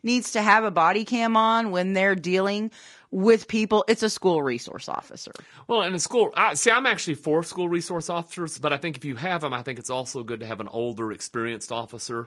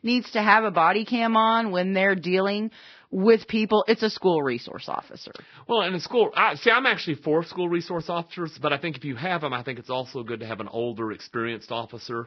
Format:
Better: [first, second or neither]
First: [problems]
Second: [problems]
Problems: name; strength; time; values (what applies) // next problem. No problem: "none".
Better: first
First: garbled, watery; slightly; nothing above 10.5 kHz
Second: garbled, watery; badly; nothing above 5.5 kHz